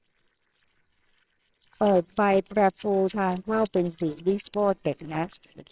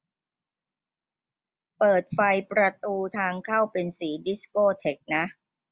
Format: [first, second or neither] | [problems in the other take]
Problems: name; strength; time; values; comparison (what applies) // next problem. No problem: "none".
second | noise reduction (neural separator model SepFormer WHAMR!)